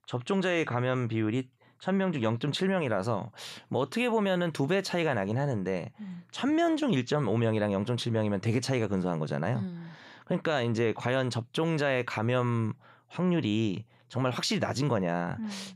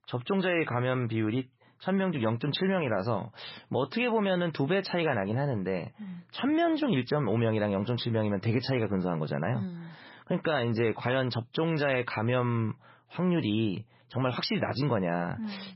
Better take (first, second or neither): first